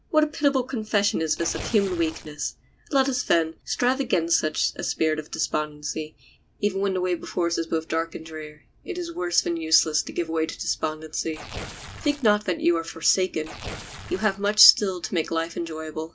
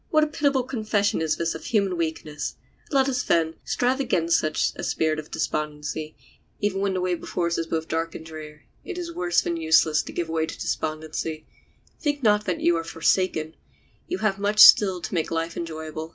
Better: second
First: background sound (Tearing); 13 dB below the speech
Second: none

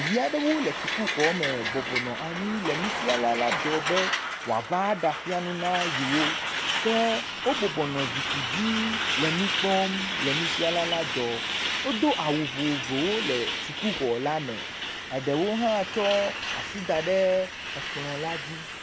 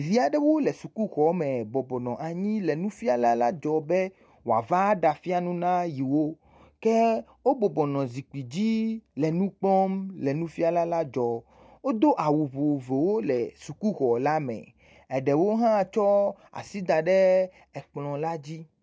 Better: second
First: background sound (Truck); 2 dB below the speech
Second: none

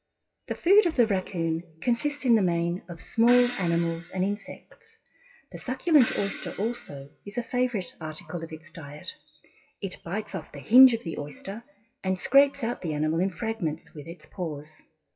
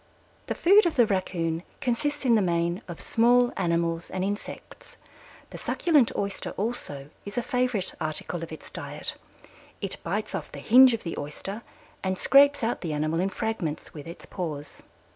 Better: second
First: noise reduction (classical method WPE with log-MMSE)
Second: none

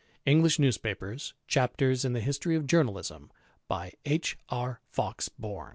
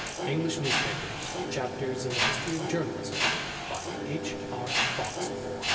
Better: first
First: none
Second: background sound (Mechanisms); 3 dB above the speech // room echo; dies away in 2.5 s

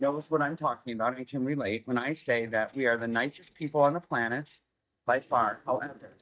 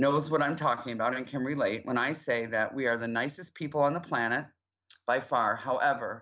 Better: second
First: noise reduction (neural mask model DeepFilterNet 3)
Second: none

